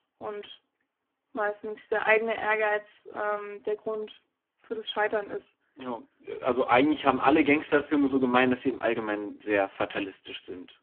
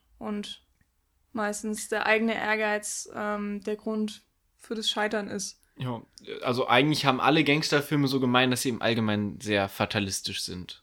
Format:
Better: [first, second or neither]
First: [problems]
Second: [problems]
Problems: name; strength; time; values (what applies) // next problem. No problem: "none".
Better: second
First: phone-call audio; poor line; nothing above 3.5 kHz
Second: none